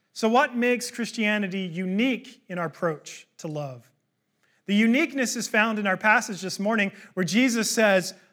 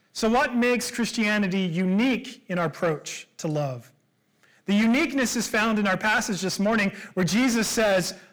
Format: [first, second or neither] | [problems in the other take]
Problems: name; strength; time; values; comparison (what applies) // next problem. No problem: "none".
first | distortion; heavy; 7 dB below the speech